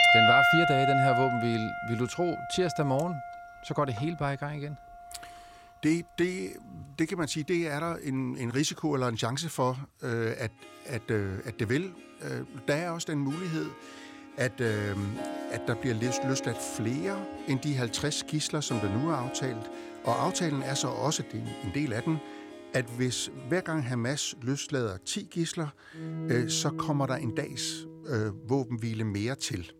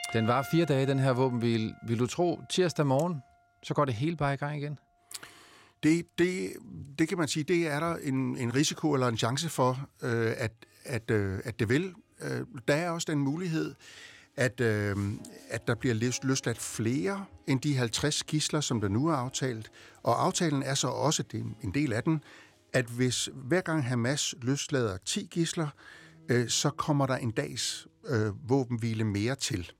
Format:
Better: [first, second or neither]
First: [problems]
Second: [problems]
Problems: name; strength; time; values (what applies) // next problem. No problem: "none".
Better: second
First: background music; loud; throughout; 1 dB below the speech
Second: background music; faint; throughout; 25 dB below the speech